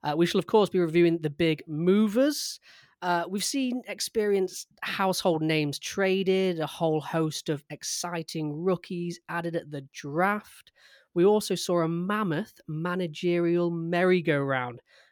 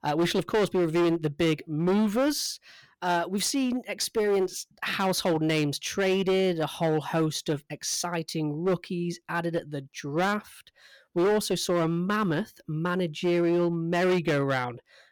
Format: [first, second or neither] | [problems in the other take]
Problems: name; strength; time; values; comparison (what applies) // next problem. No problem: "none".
first | distortion; slight; 12% of the sound clipped